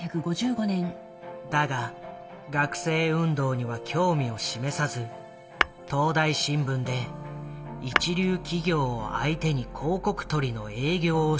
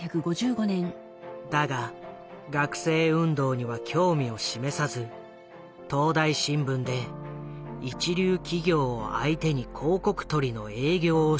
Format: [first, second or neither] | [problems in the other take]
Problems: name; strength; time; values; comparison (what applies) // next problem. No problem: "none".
second | background sound (Tap / Glass); 3 dB below the speech // room echo; dies away in 0.8 s